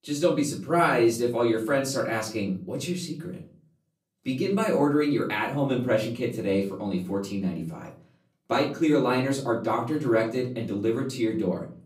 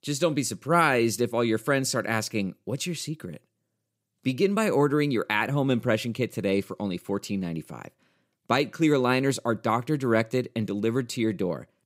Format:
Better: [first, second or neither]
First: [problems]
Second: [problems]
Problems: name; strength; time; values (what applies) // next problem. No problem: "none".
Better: second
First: off-mic speech; far // room echo; slight; dies away in 0.4 s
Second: none